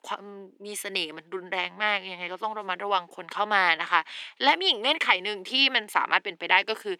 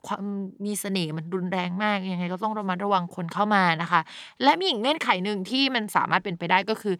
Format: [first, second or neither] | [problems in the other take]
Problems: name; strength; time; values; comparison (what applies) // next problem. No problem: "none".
second | thin; somewhat; fading below 300 Hz